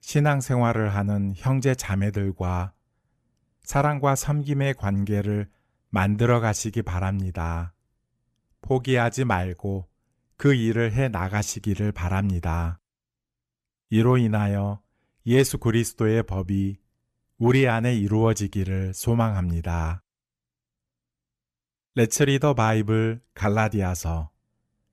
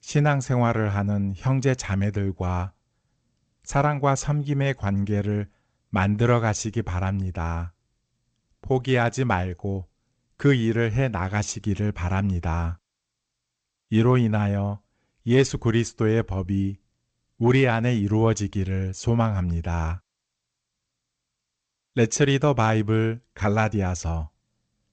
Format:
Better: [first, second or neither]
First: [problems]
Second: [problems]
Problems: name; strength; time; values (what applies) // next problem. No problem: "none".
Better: first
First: none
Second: garbled, watery; slightly; nothing above 7.5 kHz